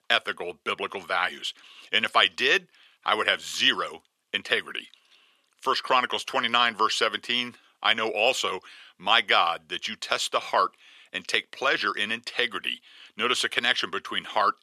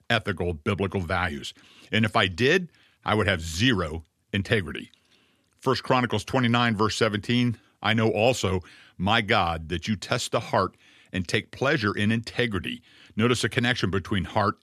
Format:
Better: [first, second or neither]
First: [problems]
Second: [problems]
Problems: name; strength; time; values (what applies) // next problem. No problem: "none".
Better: second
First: thin; very; fading below 500 Hz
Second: none